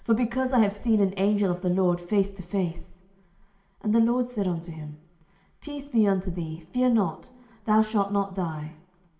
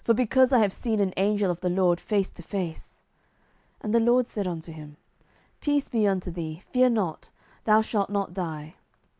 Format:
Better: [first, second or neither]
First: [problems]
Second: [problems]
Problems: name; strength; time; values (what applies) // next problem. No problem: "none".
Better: second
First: room echo; dies away in 1.5 s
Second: none